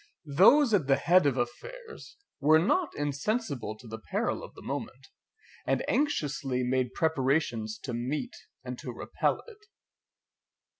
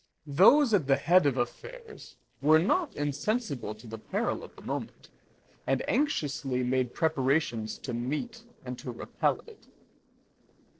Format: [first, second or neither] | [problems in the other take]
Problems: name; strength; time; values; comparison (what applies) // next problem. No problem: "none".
first | noise reduction (neural separator model SepFormer DNS4)